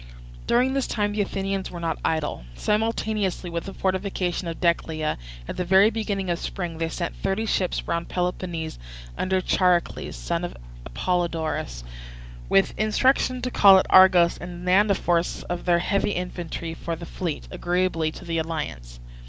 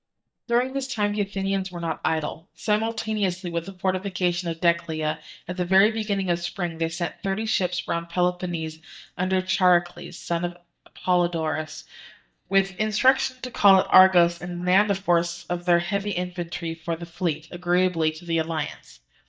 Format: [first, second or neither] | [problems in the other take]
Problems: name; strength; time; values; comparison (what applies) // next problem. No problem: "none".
first | noise reduction (neural mask model DeepFilterNet 3)